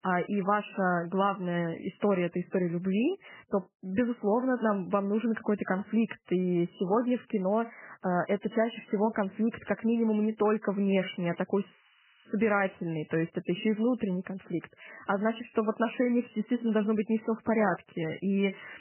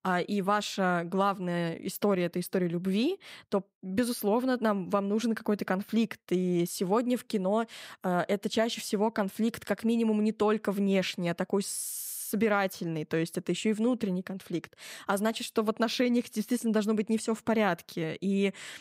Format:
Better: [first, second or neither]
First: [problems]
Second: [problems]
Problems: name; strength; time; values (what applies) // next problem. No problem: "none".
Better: second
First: garbled, watery; badly; nothing above 3 kHz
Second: none